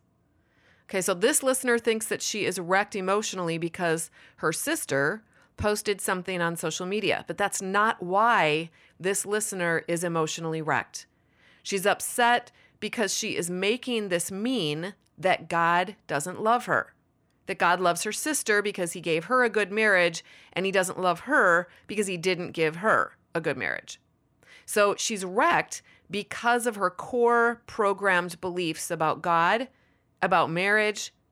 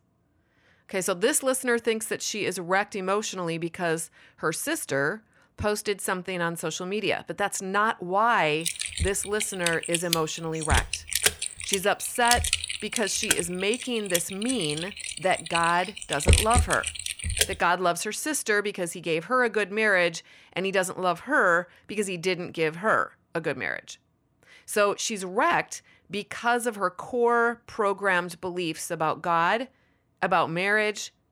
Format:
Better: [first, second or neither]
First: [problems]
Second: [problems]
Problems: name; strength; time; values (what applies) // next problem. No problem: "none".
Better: first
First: none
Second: keyboard typing; loud; from 8.5 to 17 s; peak 6 dB above the speech